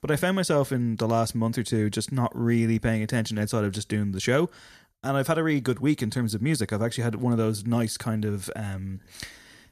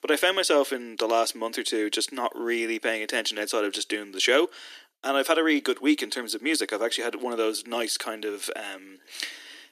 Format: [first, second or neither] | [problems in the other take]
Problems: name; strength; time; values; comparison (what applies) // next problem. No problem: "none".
first | thin; somewhat; fading below 300 Hz